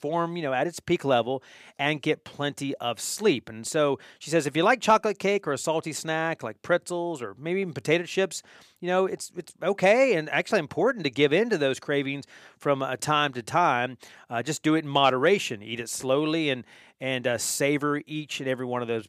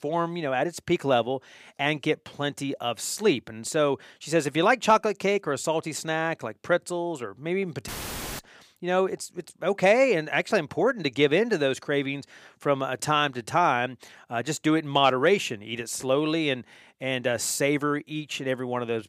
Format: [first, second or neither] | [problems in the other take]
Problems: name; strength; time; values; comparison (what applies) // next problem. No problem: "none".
first | audio cutting out; filled with static; at 8 s for 0.5 s